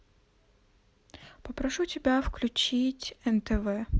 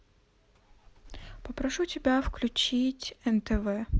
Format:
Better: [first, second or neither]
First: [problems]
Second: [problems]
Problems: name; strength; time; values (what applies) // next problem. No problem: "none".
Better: first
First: none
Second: background sound (Engine starting / Car); 20 dB below the speech